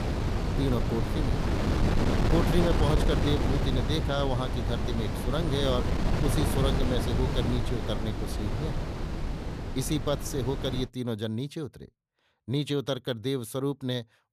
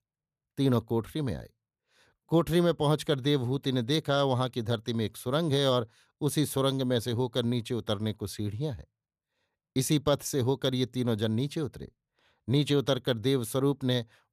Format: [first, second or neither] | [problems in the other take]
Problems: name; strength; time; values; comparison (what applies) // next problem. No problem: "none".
second | wind noise on the microphone; heavy; until 11 s; 1 dB below the speech